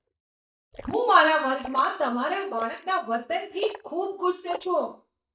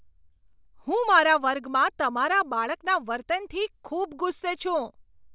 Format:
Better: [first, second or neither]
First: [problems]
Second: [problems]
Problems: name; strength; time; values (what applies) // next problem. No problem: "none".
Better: second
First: noise reduction (neural mask model DeepFilterNet 3)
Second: none